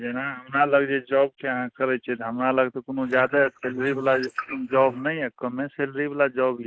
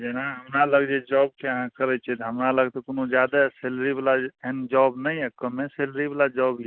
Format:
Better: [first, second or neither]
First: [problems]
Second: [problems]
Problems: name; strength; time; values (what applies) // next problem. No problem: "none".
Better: second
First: noise reduction (neural mask model Resemble Enhance denoiser)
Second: none